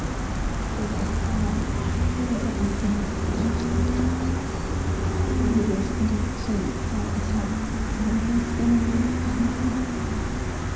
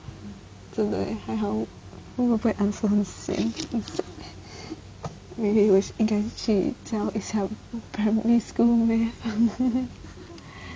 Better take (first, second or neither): second